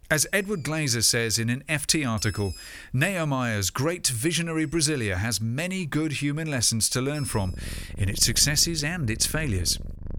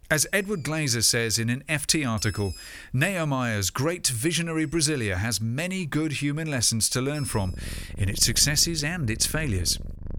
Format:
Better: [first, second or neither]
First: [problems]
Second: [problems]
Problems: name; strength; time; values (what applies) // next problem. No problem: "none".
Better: neither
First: animal sounds; noticeable; throughout; 15 dB below the speech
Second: animal sounds; noticeable; throughout; 15 dB below the speech